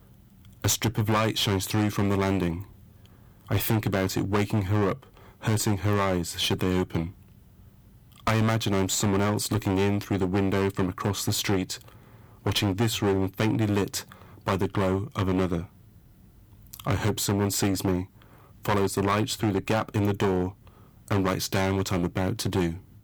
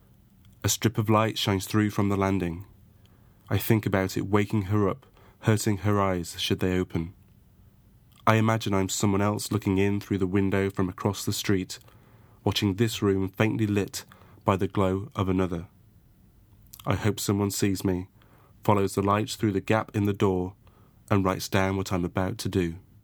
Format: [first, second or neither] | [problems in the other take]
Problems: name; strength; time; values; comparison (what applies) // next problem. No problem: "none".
second | distortion; heavy; 12% of the sound clipped